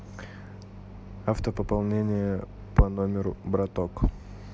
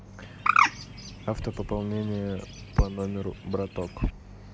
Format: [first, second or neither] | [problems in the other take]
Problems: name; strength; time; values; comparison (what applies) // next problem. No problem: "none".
first | background sound (Bird); as loud as the speech